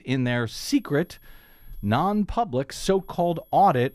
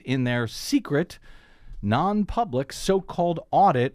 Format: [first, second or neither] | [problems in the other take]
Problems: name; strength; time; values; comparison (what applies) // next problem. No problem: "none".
second | high-pitched whine; faint; from 1 to 2 s and at 3 s; 11.5 kHz, 30 dB below the speech